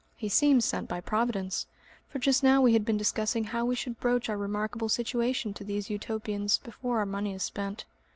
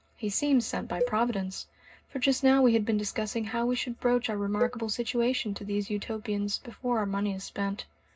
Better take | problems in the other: first | background sound (Cowbell); 9 dB below the speech // room echo; dies away in 0.2 s

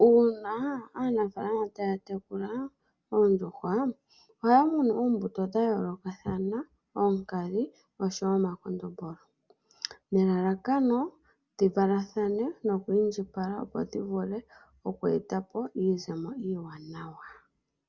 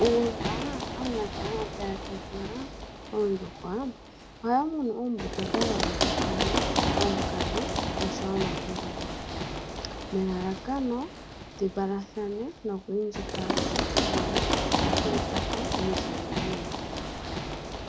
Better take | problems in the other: first | background sound (Run); 2 dB above the speech

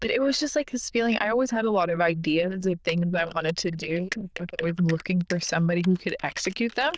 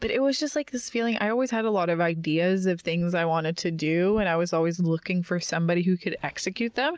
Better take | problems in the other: second | noise reduction (neural diffusion model UNIVERSE++)

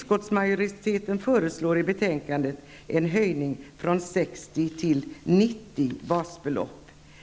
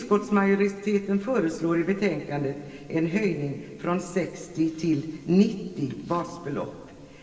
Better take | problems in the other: first | room echo; dies away in 2 s

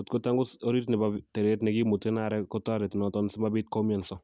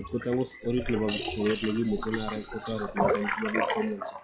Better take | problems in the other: first | noise reduction (classical method log-MMSE)

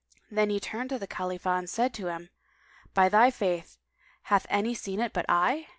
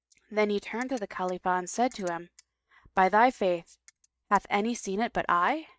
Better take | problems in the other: first | noise reduction (neural mask model RNNoise)

